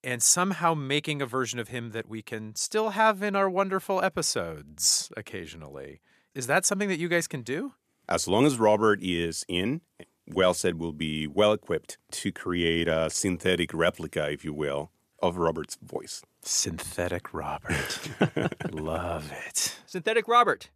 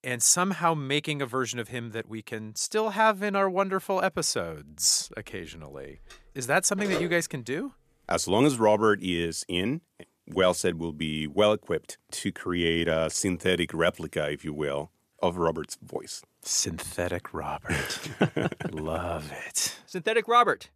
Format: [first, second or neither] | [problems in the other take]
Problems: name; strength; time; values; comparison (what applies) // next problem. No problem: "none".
first | phone ringing; noticeable; from 6 to 7 s; peak 6 dB below the speech